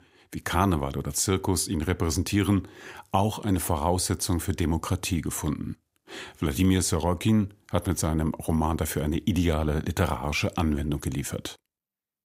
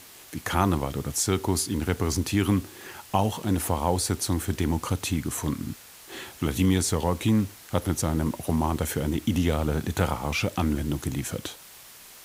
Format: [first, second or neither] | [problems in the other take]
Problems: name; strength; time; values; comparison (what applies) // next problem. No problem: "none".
first | hiss; noticeable; throughout; 20 dB below the speech